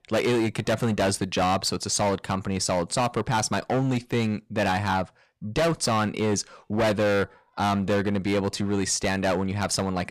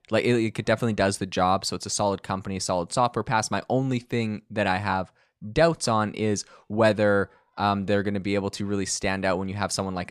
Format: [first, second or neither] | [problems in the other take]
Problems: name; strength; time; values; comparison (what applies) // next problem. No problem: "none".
second | distortion; heavy; 15% of the sound clipped